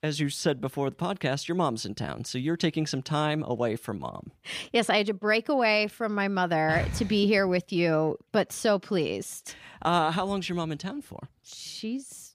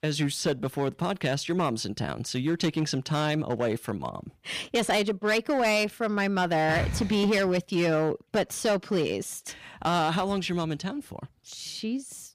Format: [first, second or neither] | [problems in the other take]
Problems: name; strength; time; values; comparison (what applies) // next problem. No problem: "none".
first | distortion; slight; 8% of the sound clipped